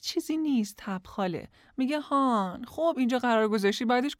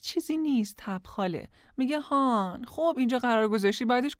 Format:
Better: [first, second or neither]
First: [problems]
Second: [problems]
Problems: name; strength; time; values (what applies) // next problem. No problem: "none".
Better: first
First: none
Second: garbled, watery; slightly; nothing above 16 kHz